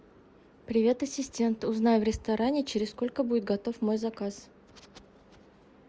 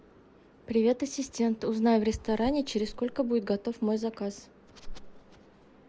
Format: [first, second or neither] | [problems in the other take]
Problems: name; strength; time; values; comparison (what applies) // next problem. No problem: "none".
first | background sound (Zipper (clothing)); 17 dB below the speech